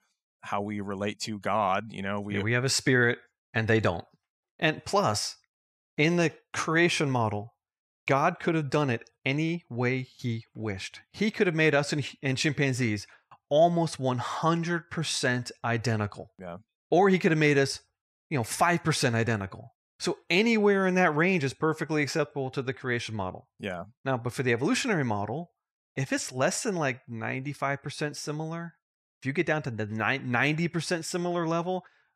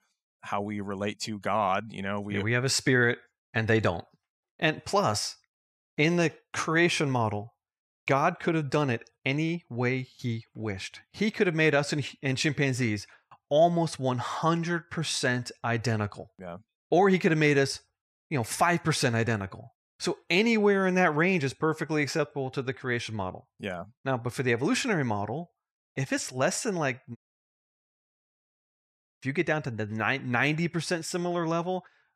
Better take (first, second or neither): first